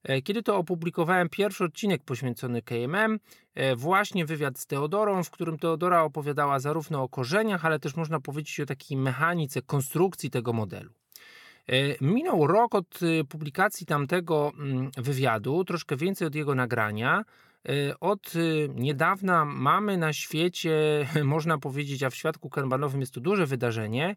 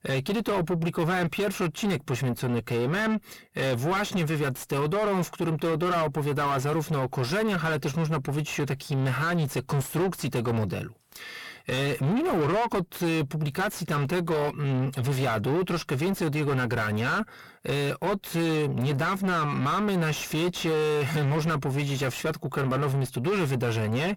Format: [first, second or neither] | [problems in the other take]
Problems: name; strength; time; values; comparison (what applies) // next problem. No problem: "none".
first | distortion; heavy; 6 dB below the speech